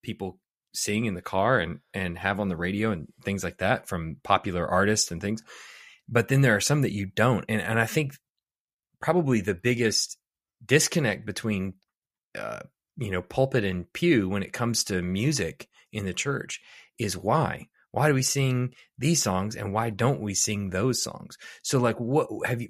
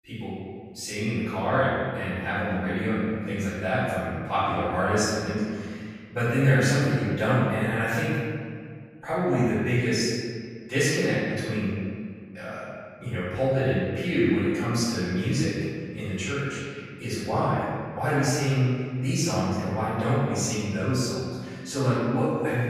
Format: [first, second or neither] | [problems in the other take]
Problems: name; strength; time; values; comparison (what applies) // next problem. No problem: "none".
first | off-mic speech; far // room echo; strong; dies away in 1.9 s